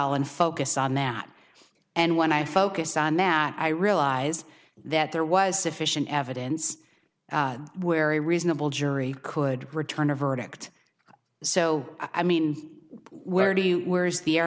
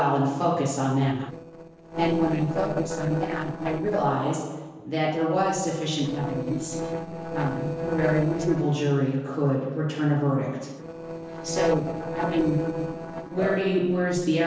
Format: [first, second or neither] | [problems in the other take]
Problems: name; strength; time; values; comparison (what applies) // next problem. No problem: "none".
first | noise reduction (neural separator model SepFormer DNS4)